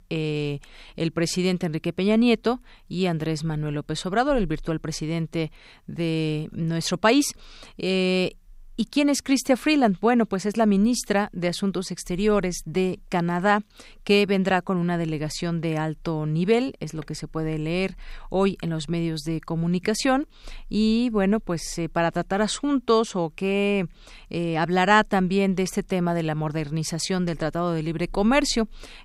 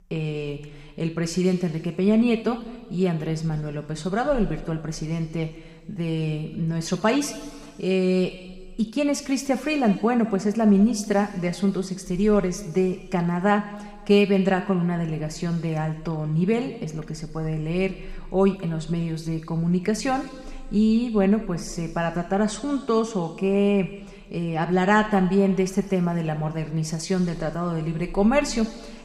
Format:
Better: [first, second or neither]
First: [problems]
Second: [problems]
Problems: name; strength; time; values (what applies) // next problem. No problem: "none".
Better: first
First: none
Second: room echo; slight; dies away in 1.8 s